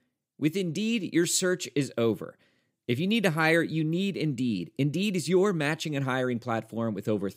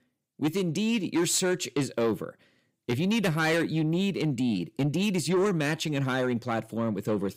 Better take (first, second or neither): first